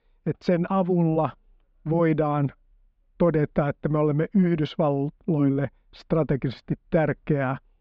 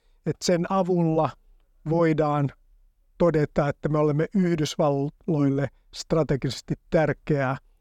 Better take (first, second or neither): second